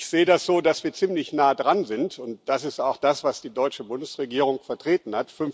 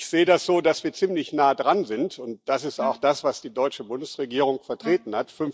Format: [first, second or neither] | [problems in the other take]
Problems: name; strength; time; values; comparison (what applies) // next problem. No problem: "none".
first | noise reduction (neural mask model DeepFilterNet 3)